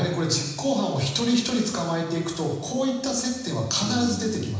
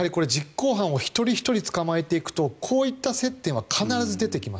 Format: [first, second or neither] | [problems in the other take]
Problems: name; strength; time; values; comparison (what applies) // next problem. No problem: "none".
second | room echo; dies away in 1.1 s